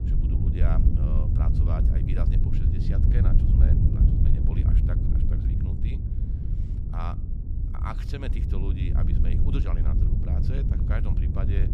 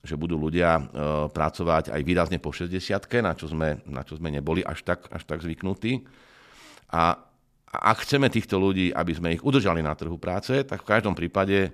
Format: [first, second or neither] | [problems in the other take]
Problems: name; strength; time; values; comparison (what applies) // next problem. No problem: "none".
second | wind noise on the microphone; heavy; 2 dB above the speech